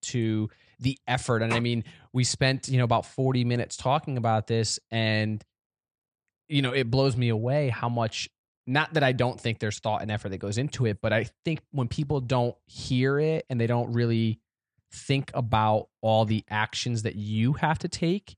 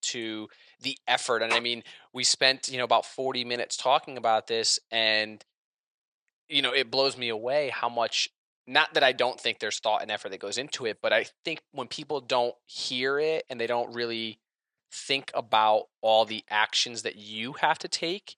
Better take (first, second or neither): first